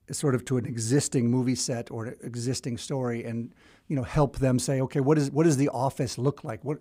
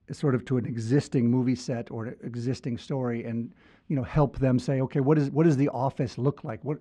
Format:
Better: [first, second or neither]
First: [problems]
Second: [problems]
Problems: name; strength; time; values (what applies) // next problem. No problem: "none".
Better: first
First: none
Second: muffled; slightly; fading above 3.5 kHz